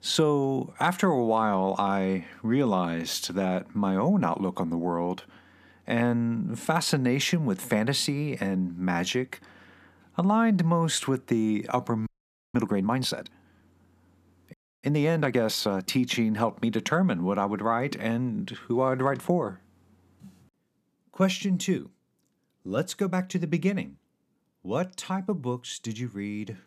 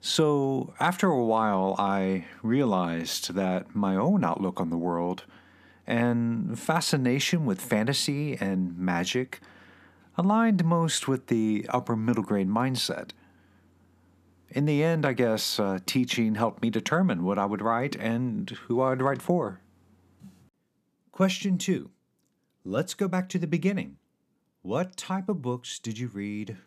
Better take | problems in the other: second | audio freezing; at 12 s and at 15 s

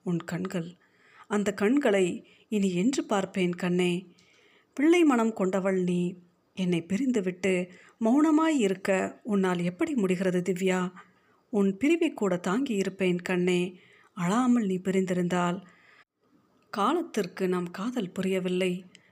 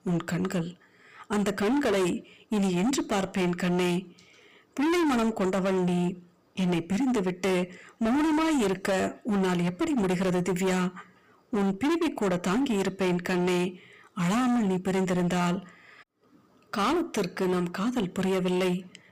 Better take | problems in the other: first | distortion; heavy; 25% of the sound clipped

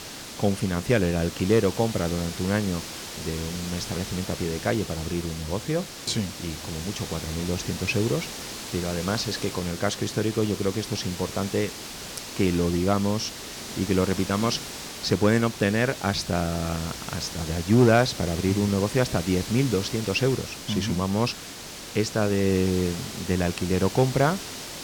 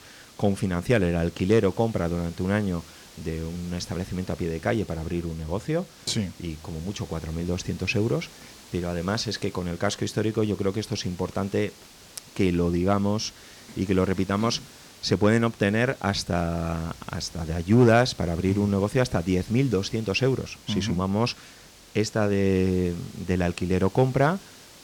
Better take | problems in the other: second | hiss; loud; throughout; 9 dB below the speech; faint in the second

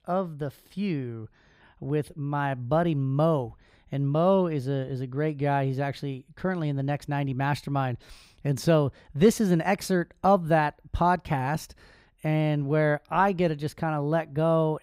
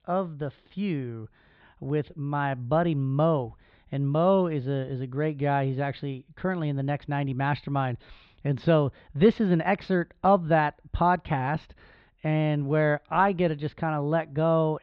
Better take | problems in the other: first | muffled; slightly; fading above 3.5 kHz

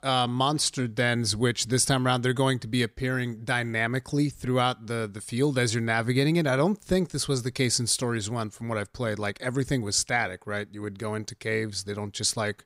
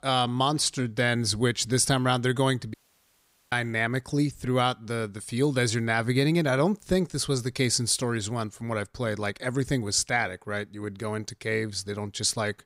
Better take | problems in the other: first | audio cutting out; at 2.5 s for 1 s

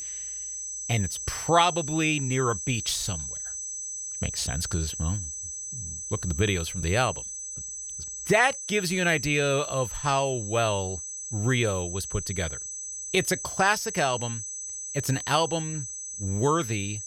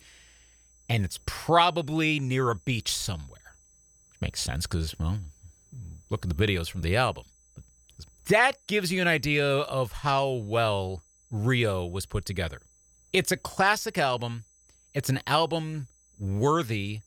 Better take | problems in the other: second | high-pitched whine; loud; throughout; 6 kHz, 6 dB below the speech; faint in the second

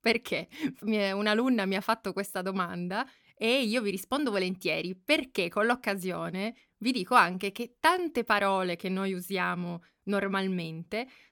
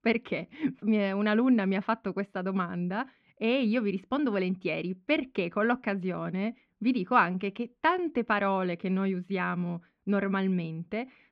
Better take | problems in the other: first | muffled; slightly; fading above 3 kHz

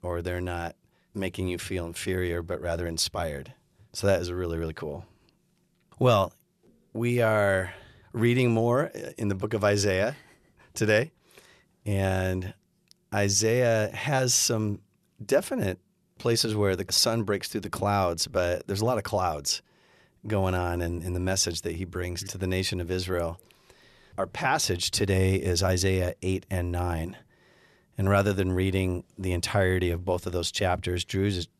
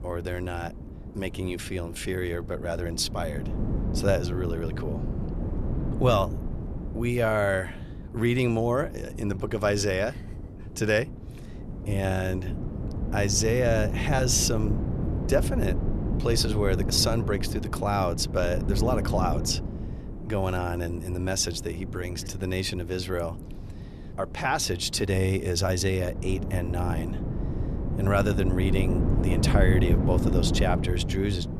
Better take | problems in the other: first | wind noise on the microphone; occasional gusts; 10 dB below the speech

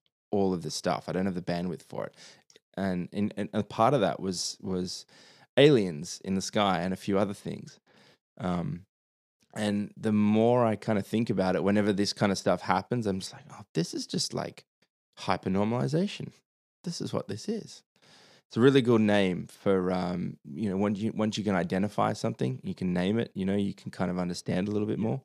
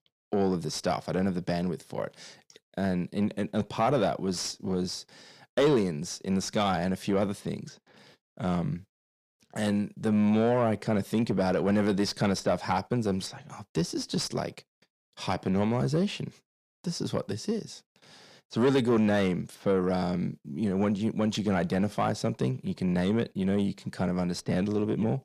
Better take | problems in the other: first | distortion; slight; 10 dB below the speech

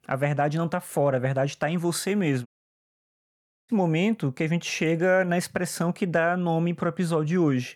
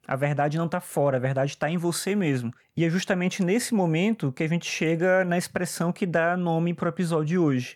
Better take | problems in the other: second | audio cutting out; at 2.5 s for 1 s

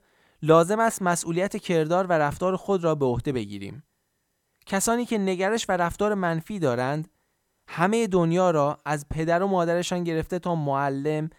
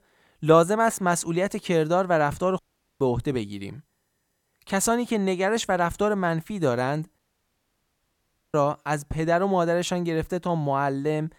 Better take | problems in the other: first | audio cutting out; at 2.5 s and at 7 s for 1.5 s

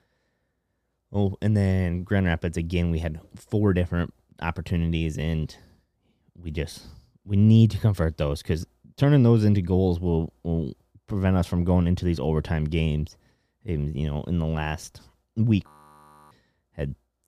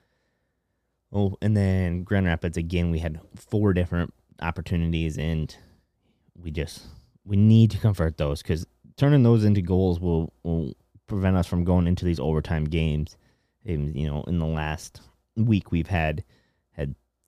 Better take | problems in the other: second | audio freezing; at 16 s for 0.5 s

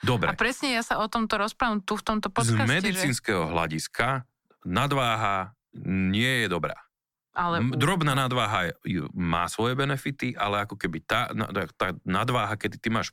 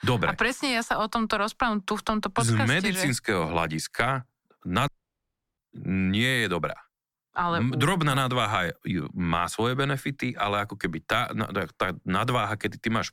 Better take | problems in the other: first | audio cutting out; at 5 s for 0.5 s

